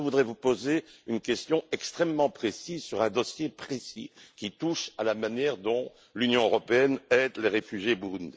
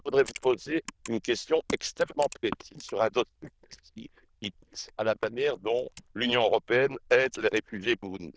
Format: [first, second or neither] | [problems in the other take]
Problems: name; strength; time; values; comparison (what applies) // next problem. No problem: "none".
first | noise reduction (neural diffusion model UNIVERSE++)